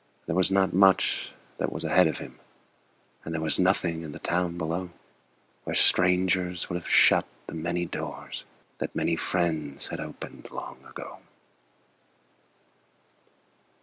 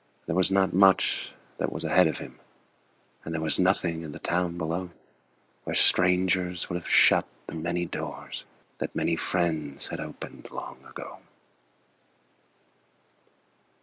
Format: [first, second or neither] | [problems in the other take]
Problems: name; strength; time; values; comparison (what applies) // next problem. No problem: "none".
first | noise reduction (neural mask model Resemble Enhance denoiser)